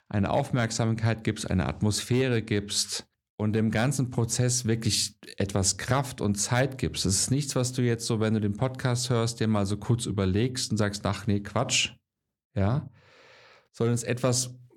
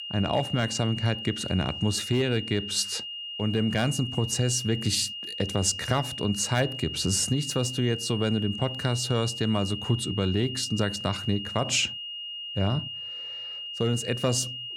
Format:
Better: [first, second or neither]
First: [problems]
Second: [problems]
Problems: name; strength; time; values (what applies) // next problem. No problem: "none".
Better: first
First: none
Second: high-pitched whine; loud; throughout; 3 kHz, 7 dB below the speech